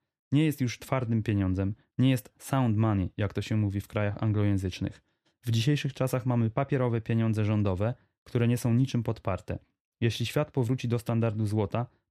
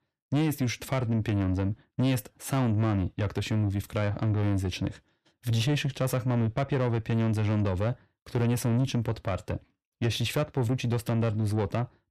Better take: first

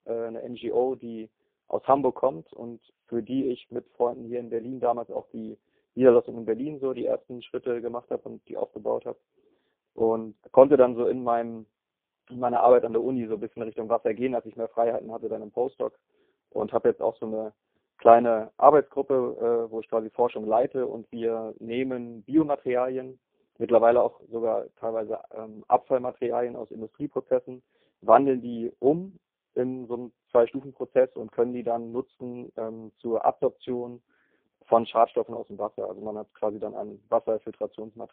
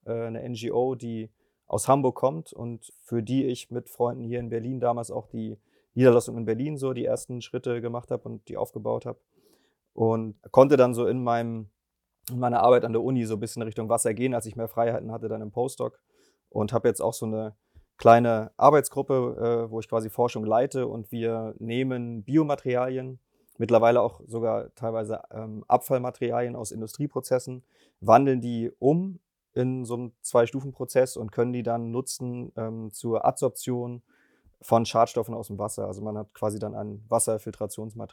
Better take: second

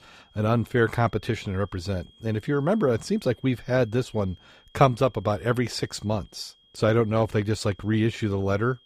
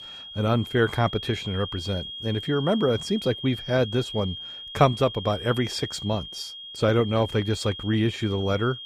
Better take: first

